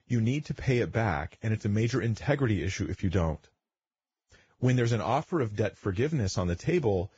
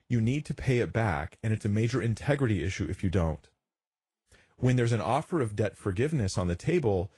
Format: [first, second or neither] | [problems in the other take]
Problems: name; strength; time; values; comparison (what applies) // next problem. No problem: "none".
second | garbled, watery; badly; nothing above 7.5 kHz; slightly in the second